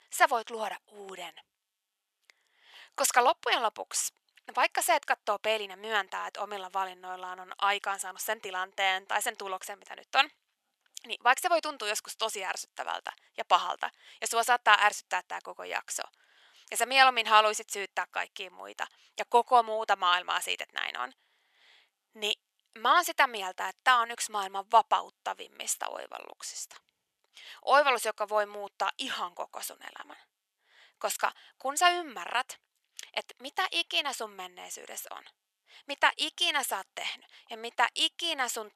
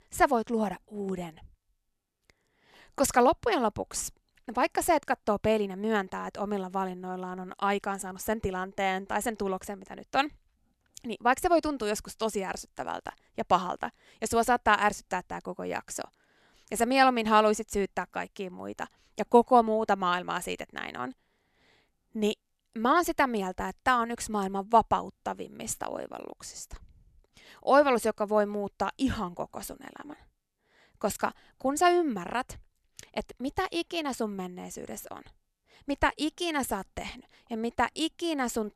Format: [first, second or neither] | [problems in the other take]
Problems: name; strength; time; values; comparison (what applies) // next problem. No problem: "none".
second | thin; very; fading below 800 Hz